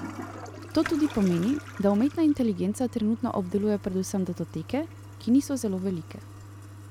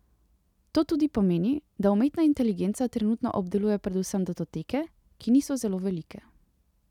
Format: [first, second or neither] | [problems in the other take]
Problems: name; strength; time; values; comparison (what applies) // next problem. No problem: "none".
second | background sound (Toilet flush); 14 dB below the speech